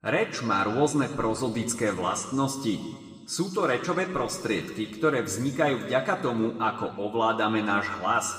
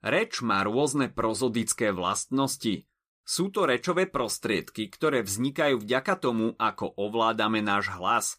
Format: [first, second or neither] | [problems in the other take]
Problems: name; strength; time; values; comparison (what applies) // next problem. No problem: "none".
second | room echo; slight; dies away in 1.6 s // off-mic speech; somewhat distant